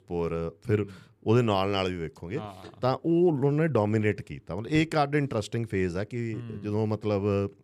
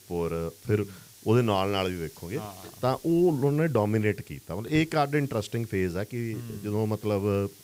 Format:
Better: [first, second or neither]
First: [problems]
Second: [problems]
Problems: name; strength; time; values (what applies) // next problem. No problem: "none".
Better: first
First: none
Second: hiss; faint; throughout; 20 dB below the speech